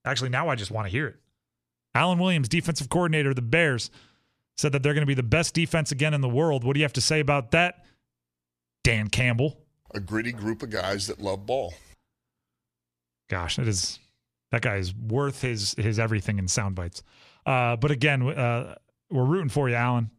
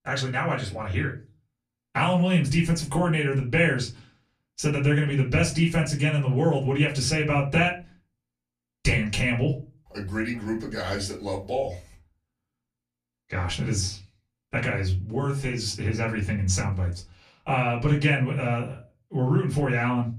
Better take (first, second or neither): first